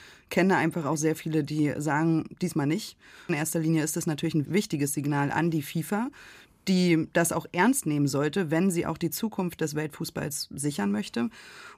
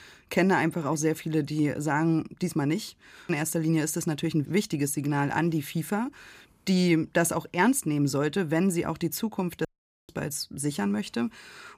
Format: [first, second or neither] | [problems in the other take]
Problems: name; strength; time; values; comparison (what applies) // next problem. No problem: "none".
first | audio cutting out; at 9.5 s